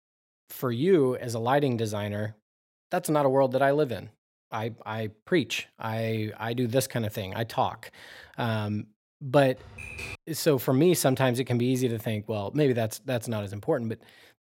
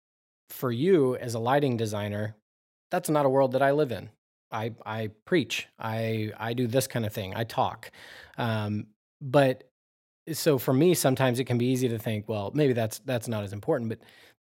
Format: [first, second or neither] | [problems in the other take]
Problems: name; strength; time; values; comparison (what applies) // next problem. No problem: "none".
second | keyboard typing; noticeable; at 9.5 s; peak 10 dB below the speech